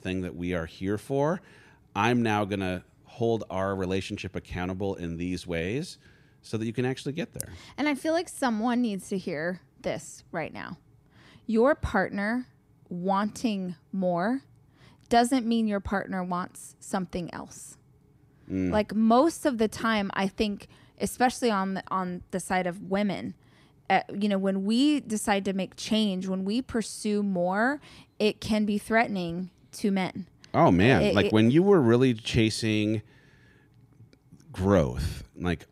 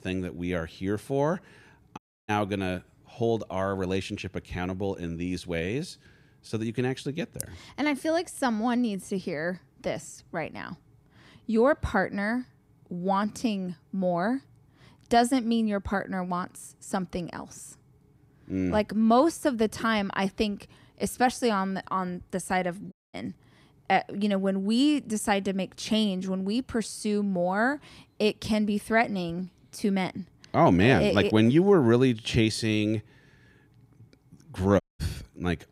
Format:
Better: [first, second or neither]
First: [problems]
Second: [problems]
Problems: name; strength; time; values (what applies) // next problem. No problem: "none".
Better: first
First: none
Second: audio cutting out; at 2 s, at 23 s and at 35 s